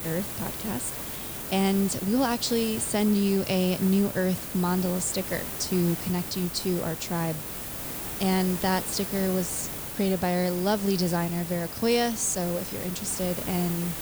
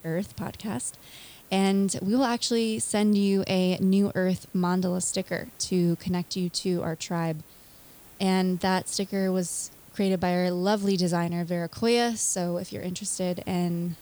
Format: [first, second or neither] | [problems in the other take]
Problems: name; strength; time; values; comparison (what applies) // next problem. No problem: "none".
second | hiss; loud; throughout; 6 dB below the speech; faint in the second